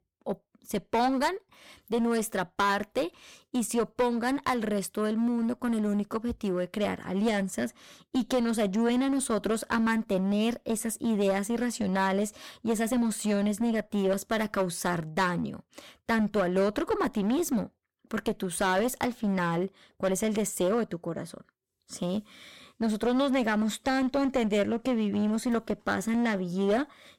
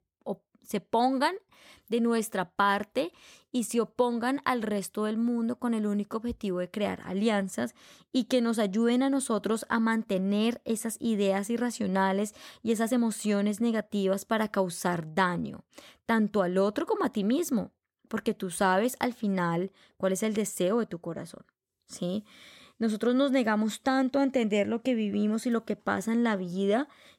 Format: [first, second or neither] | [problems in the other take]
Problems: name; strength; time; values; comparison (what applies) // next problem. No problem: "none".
second | distortion; slight; 10% of the sound clipped